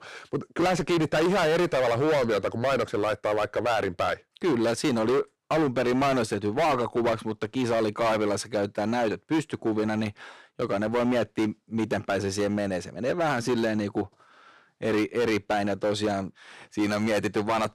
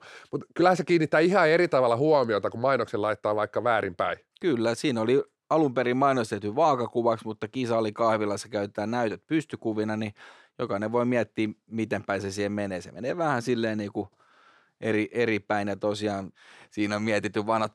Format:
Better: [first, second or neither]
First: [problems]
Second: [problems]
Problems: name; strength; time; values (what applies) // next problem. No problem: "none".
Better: second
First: distortion; heavy; 16% of the sound clipped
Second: none